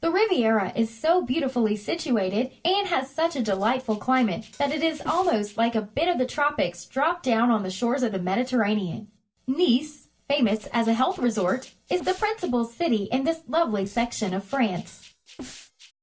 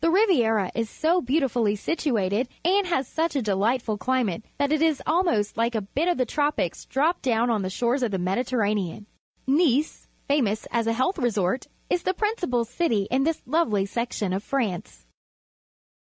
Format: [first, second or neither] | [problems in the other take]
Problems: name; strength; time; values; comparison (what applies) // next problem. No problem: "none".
second | noise reduction (neural separator model SepFormer DNS4)